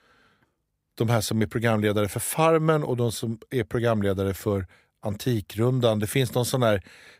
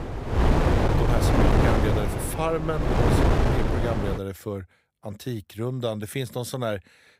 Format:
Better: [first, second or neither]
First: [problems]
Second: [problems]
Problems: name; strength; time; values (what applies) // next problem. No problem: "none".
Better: first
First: none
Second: wind noise on the microphone; heavy; until 4 s; 5 dB above the speech